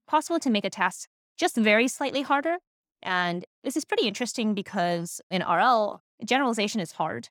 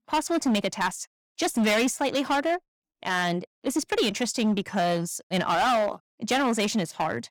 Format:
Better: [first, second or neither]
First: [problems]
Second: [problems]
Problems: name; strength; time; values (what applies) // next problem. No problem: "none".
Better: first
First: none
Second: distortion; heavy; 11% of the sound clipped